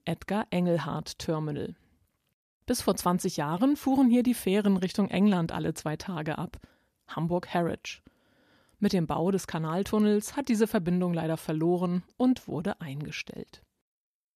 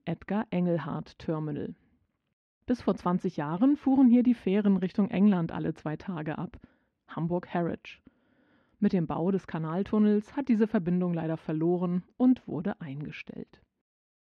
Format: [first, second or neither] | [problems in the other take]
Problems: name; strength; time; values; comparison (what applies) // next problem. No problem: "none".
first | muffled; slightly; fading above 2.5 kHz